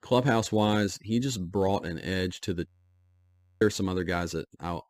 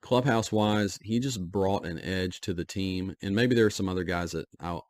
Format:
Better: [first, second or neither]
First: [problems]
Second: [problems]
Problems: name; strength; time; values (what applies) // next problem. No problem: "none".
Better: second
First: audio freezing; at 2.5 s for 1 s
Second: none